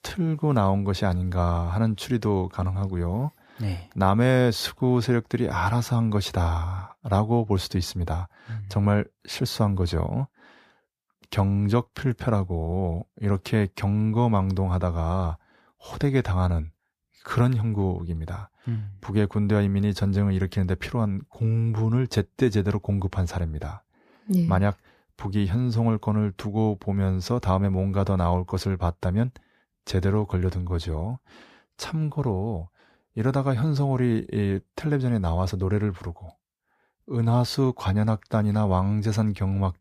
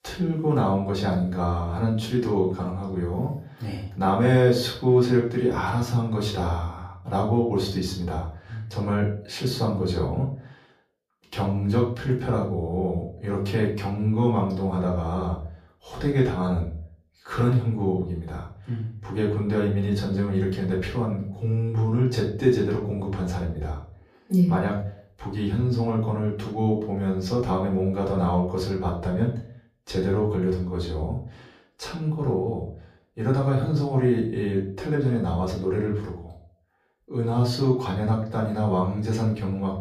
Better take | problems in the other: first | off-mic speech; far // room echo; slight; dies away in 0.4 s

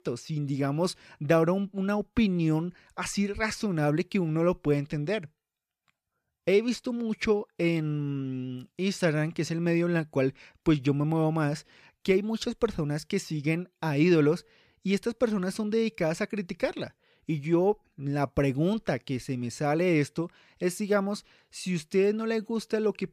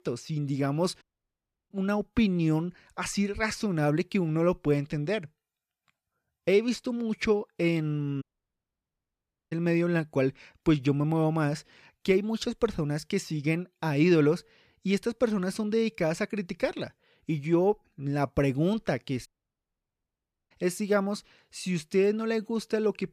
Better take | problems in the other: first | audio cutting out; at 1 s for 0.5 s, at 8 s for 1.5 s and at 19 s for 1 s

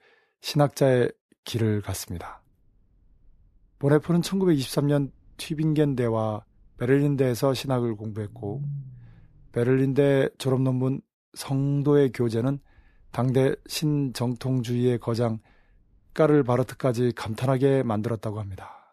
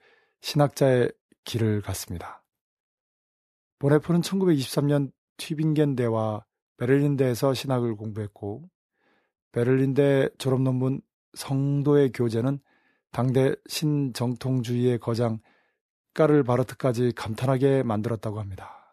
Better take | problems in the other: second | low rumble; faint; from 2 to 10 s and from 11 to 17 s; 25 dB below the speech

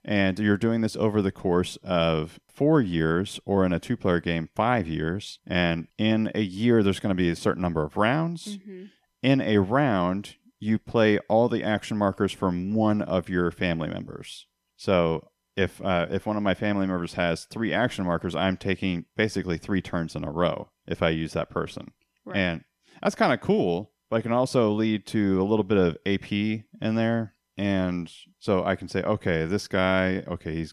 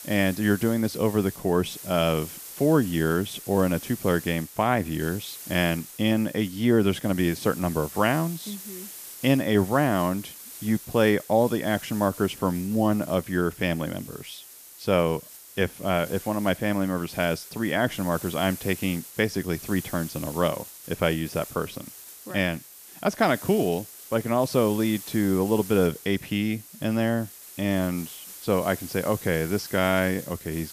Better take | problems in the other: first | hiss; noticeable; throughout; 15 dB below the speech

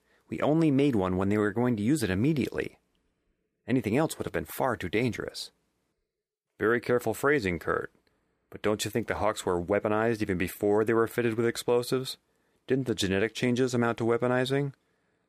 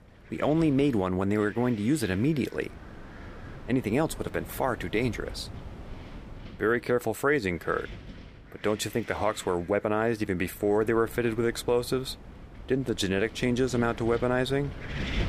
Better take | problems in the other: first | wind noise on the microphone; occasional gusts; 20 dB below the speech

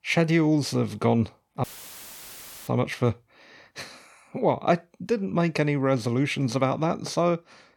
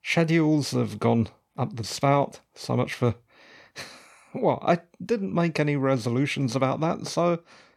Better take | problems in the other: second | audio cutting out; filled with static; at 1.5 s for 1 s

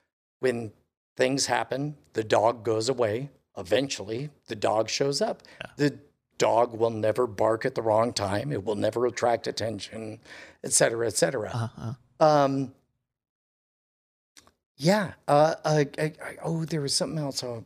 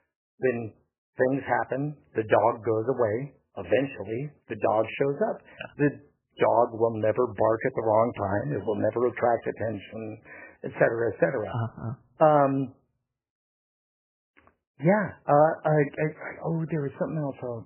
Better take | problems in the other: first | garbled, watery; badly; nothing above 3 kHz

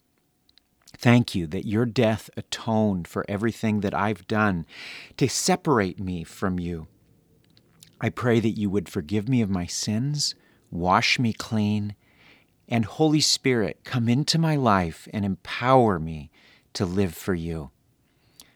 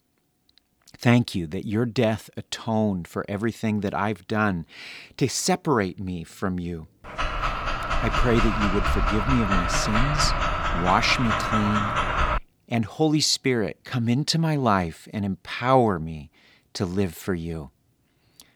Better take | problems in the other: first | dog barking; loud; from 7 to 12 s; peak 1 dB above the speech

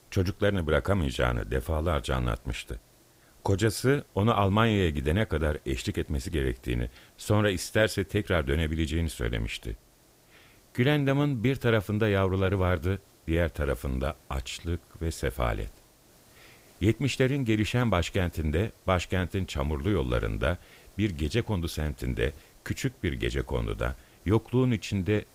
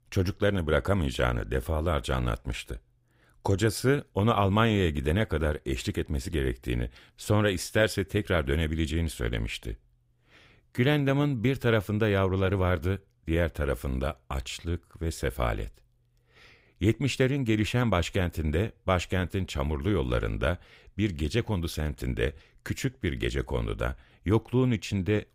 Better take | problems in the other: second | hiss; faint; throughout; 30 dB below the speech

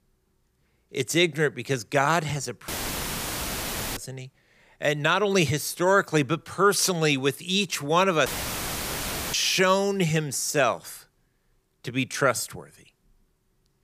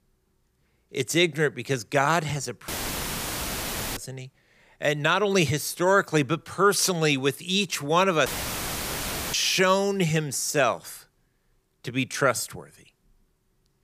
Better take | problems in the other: neither | audio cutting out; filled with static; at 2.5 s for 1.5 s and at 8.5 s for 1 s; the same in both

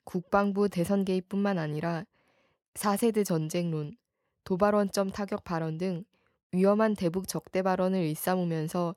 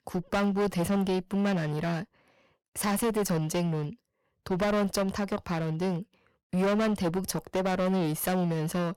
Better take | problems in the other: first | distortion; heavy; 17% of the sound clipped

